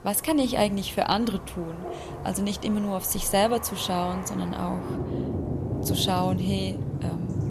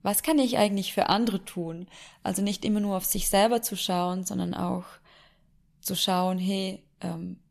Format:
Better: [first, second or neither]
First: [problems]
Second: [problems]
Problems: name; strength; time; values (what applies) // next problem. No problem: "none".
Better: second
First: rain or running water; loud; throughout; 7 dB below the speech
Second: none